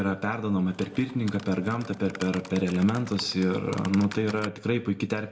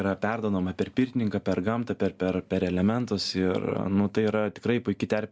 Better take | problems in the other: second | background sound (Typing); 16 dB below the speech // room echo; dies away in 0.6 s

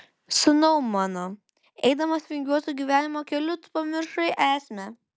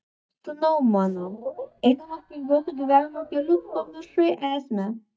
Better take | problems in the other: first | noise reduction (neural mask model DeepFilterNet 3)

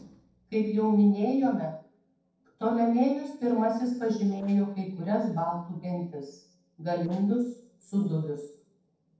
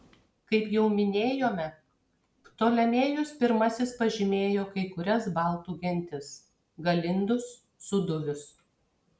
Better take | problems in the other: second | noise reduction (neural separator model SepFormer DNS4)

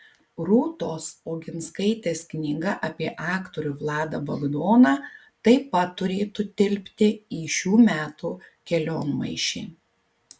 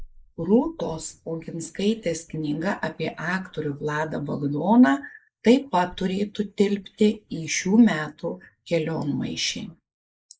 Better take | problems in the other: first | noise reduction (neural mask model Resemble Enhance denoiser)

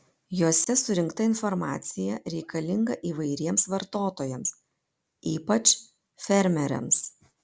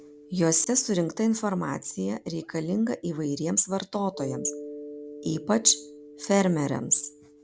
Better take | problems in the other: first | background sound (Mallet percussion); 17 dB below the speech

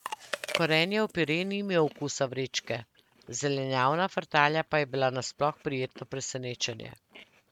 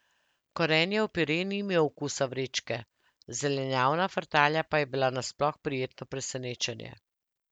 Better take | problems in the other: second | noise reduction (neural mask model RNNoise)

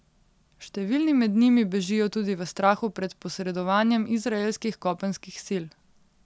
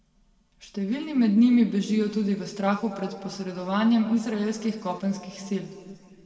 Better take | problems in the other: first | room echo; dies away in 2.2 s

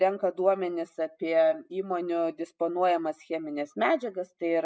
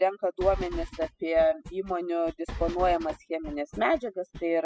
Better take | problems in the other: first | noise reduction (classical method spectral subtraction)

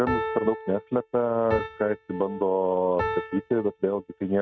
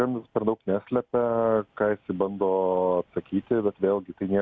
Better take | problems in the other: second | noise reduction (neural mask model RNNoise)

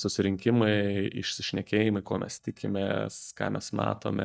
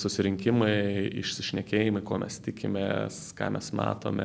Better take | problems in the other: second | noise reduction (neural mask model DeepFilterNet 3)

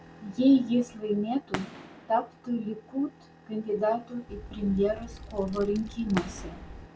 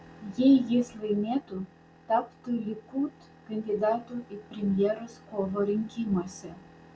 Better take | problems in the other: second | background sound (Wind + Fireworks); 15 dB below the speech

